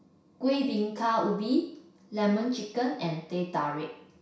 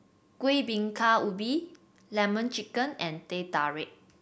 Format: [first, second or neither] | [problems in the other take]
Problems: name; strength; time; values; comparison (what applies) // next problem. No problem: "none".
second | room echo; dies away in 0.6 s